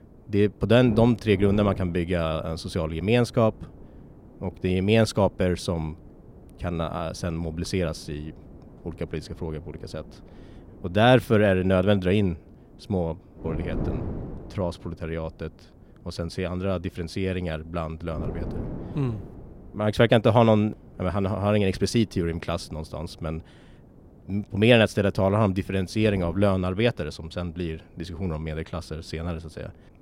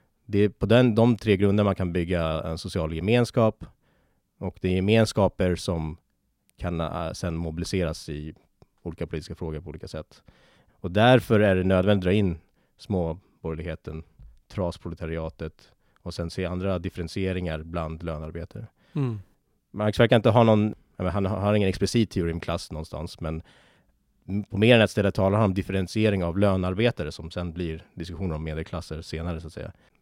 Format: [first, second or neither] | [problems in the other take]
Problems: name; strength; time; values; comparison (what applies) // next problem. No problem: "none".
second | wind noise on the microphone; occasional gusts; 20 dB below the speech